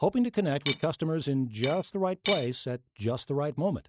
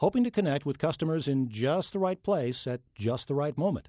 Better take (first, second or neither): second